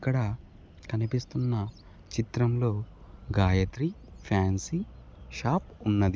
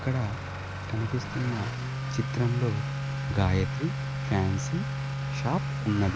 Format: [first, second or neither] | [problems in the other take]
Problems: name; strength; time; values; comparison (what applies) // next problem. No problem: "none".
first | background sound (Accelerating, revving, vroom / Motor vehicle (road)); 2 dB below the speech